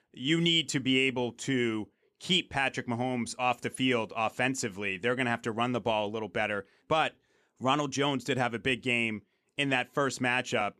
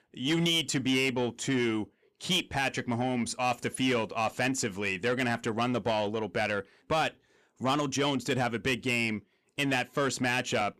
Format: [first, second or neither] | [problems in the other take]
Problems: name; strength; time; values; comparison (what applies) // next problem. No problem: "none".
first | distortion; slight; 10 dB below the speech